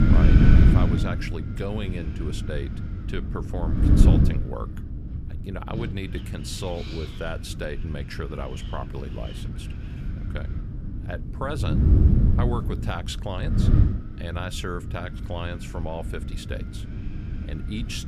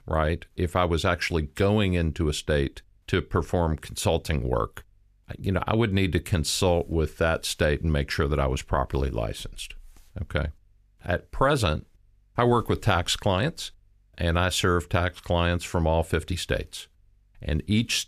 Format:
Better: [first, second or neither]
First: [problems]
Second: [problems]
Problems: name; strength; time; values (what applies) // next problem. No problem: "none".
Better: second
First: wind noise on the microphone; heavy; 1 dB below the speech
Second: none